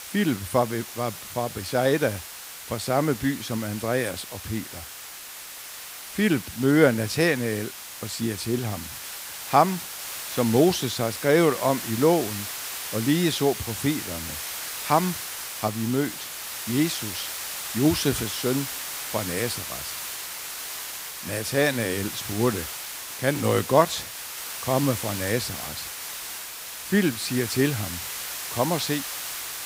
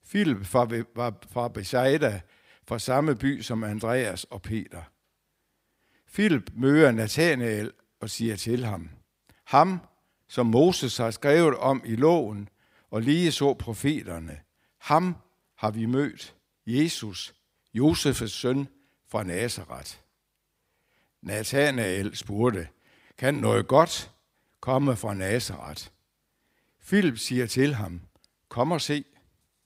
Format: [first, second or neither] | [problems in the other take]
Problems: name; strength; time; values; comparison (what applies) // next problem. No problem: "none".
second | hiss; loud; throughout; 7 dB below the speech